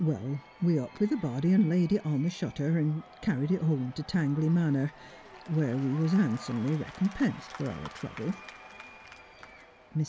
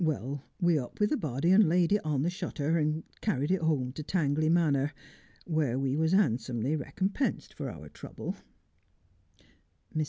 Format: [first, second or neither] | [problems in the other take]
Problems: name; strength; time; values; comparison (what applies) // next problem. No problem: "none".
second | background sound (Applause / Crowd / Cheering); 19 dB below the speech